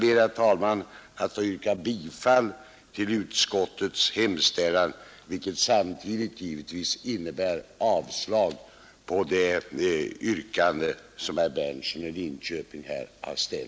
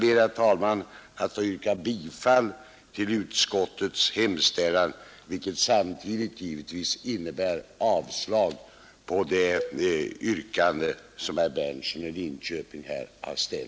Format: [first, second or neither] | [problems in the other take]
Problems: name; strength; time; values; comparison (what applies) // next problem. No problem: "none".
first | background sound (Cowbell); 12 dB below the speech